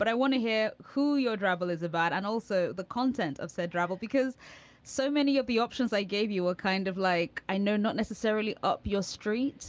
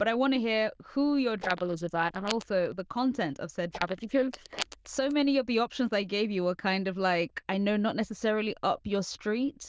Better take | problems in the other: first | noise reduction (neural diffusion model UNIVERSE++)

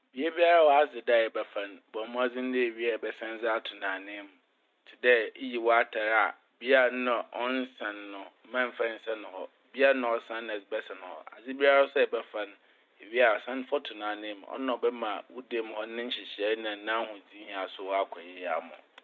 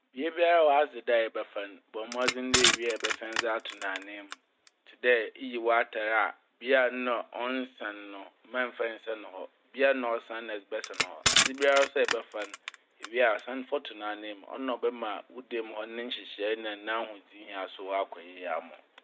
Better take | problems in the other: first | background sound (Crushing); 1 dB below the speech

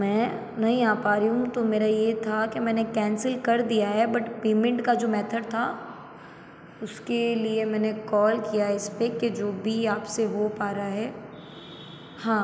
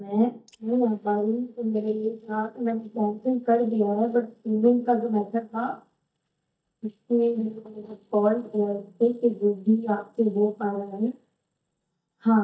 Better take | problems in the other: first | noise reduction (neural mask model DeepFilterNet 3)

